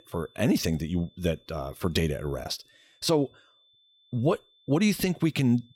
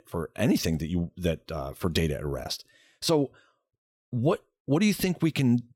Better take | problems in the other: second | high-pitched whine; faint; throughout; 3.5 kHz, 30 dB below the speech

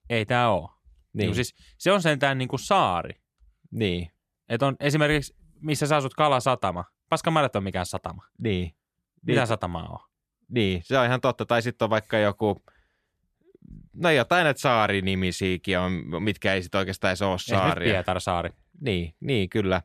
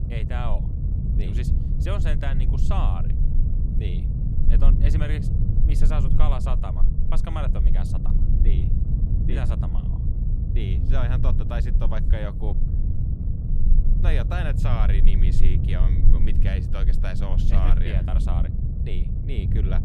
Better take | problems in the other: first | low rumble; loud; throughout; 3 dB below the speech

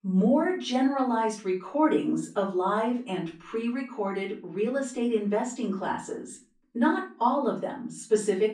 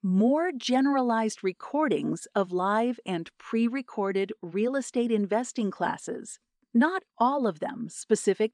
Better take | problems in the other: second | off-mic speech; far // room echo; slight; dies away in 0.3 s

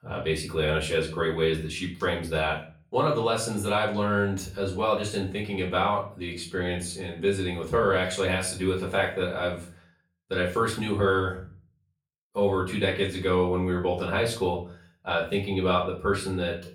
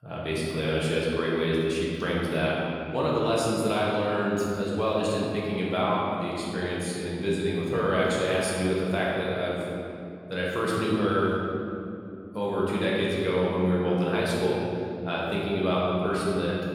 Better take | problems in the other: first | room echo; strong; dies away in 2.8 s; slight in the first // off-mic speech; far; far in the first

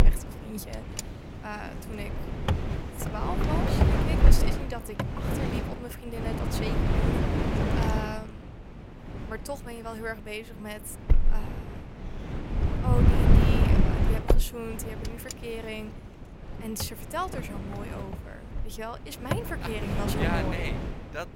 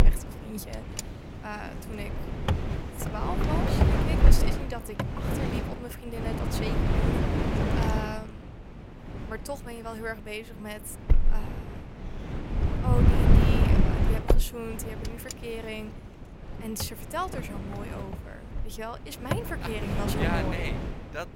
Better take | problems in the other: neither | wind noise on the microphone; heavy; 2 dB above the speech; the same in both

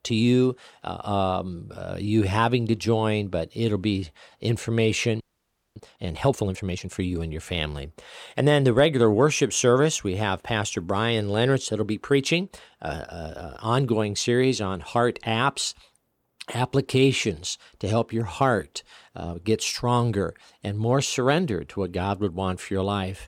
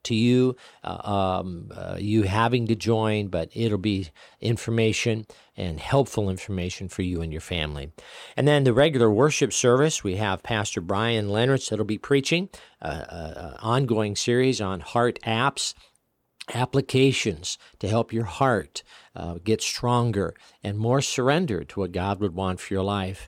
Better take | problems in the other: second | audio freezing; at 5 s for 0.5 s

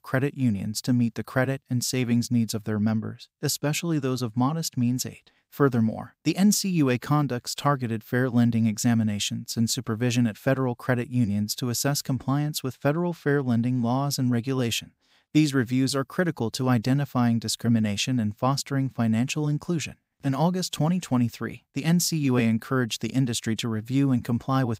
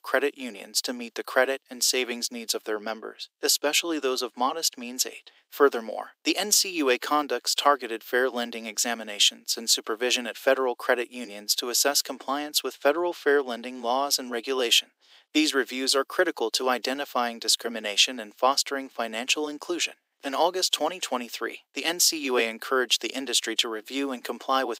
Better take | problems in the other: first | thin; very; fading below 350 Hz

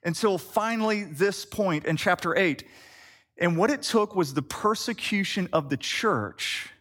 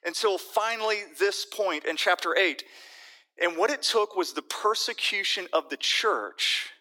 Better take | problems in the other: first | thin; very; fading below 350 Hz

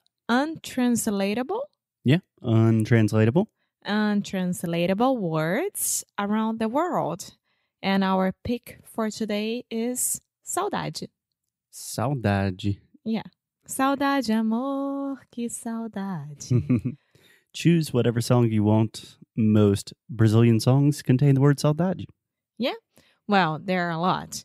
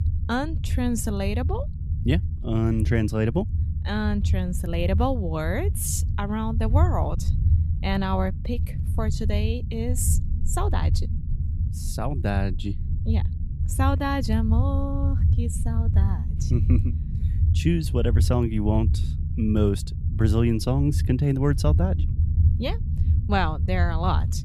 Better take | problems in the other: first | low rumble; noticeable; throughout; 10 dB below the speech

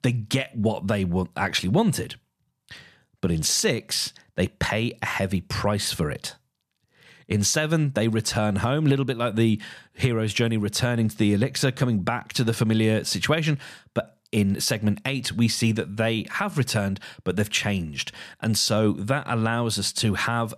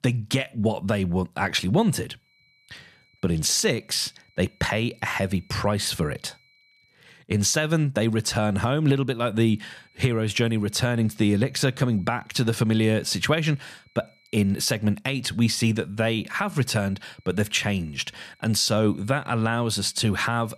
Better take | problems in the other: first | high-pitched whine; faint; from 2.5 to 7 s, from 9.5 to 15 s and from 16 s on; 2.5 kHz, 35 dB below the speech

